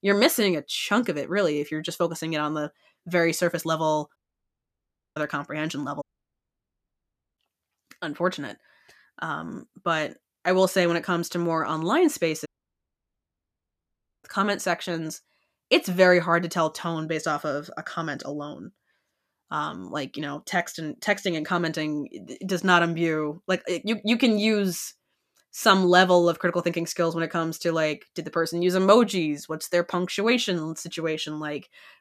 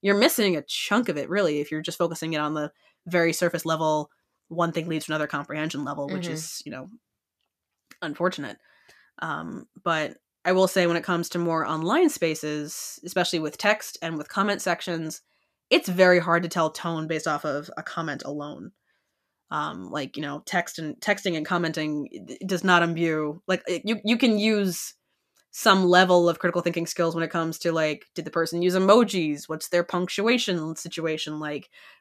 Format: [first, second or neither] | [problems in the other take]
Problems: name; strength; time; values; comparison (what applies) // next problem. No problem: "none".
second | audio cutting out; at 4 s for 1 s, at 6 s for 1.5 s and at 12 s for 2 s